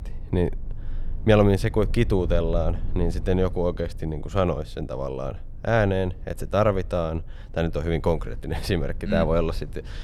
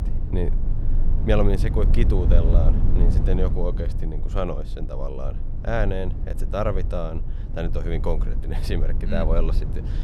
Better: first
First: low rumble; faint; throughout; 25 dB below the speech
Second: low rumble; loud; throughout; 10 dB below the speech

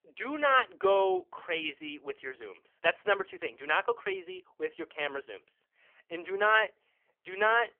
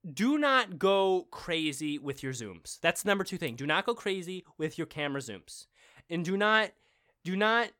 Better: second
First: phone-call audio; poor line; nothing above 3 kHz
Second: none

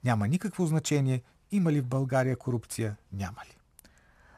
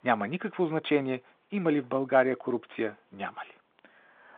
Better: first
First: none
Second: phone-call audio; nothing above 3.5 kHz

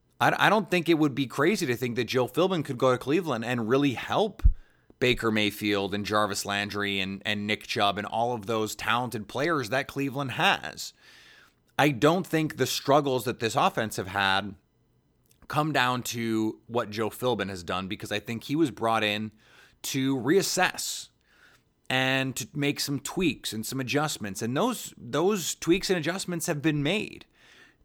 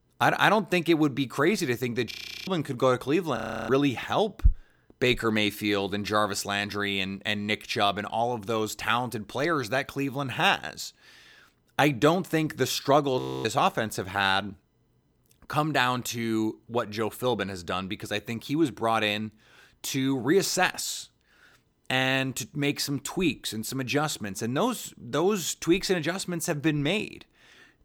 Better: first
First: none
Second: audio freezing; at 2 s, at 3.5 s and at 13 s

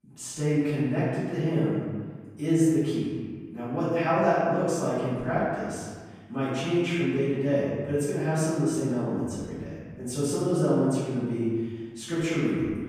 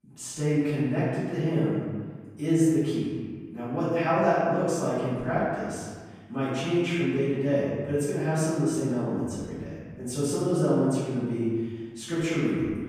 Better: neither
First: off-mic speech; far // room echo; strong; dies away in 1.6 s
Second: off-mic speech; far // room echo; strong; dies away in 1.6 s

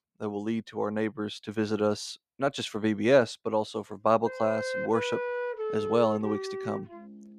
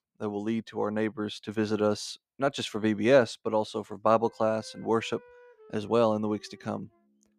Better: second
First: background music; loud; from 4.5 s on; 5 dB below the speech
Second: background music; faint; from 4.5 s on; 25 dB below the speech

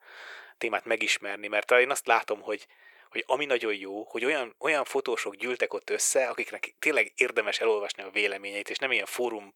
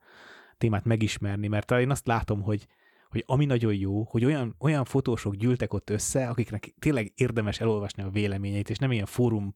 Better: second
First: thin; very; fading below 450 Hz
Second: none

